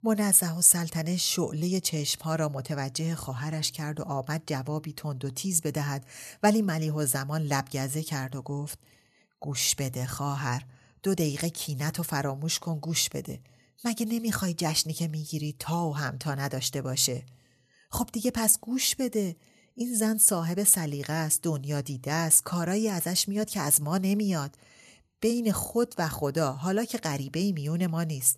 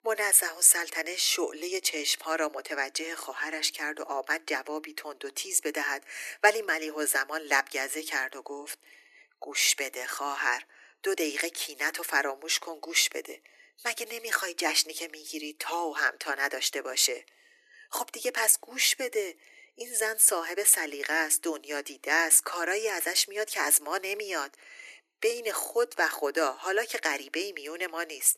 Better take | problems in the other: first | thin; very; fading below 300 Hz

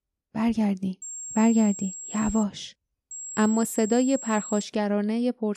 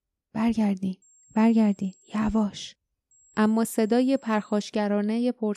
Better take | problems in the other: second | high-pitched whine; loud; from 1 to 2.5 s and from 3 to 4.5 s; 7.5 kHz, 10 dB below the speech; faint in the second

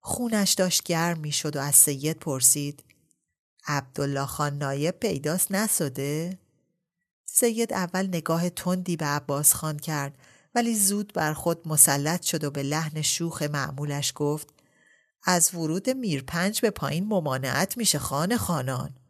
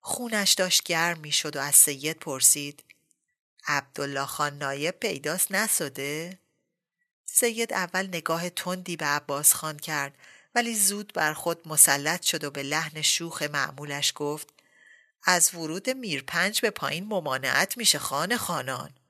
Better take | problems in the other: first | thin; somewhat; fading below 450 Hz

